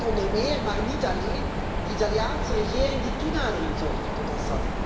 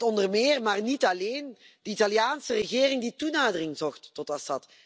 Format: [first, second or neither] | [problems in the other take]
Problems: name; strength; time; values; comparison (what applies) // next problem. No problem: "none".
second | background sound (Mechanisms); 2 dB above the speech // room echo; dies away in 2.3 s